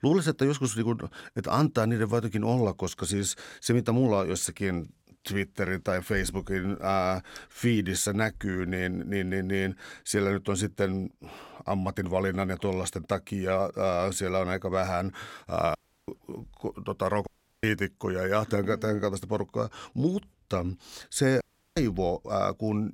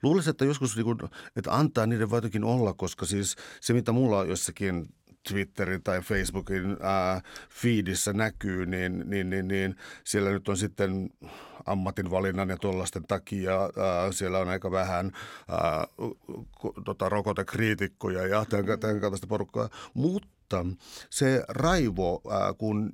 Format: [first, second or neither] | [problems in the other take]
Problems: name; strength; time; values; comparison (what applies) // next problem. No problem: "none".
second | audio cutting out; at 16 s, at 17 s and at 21 s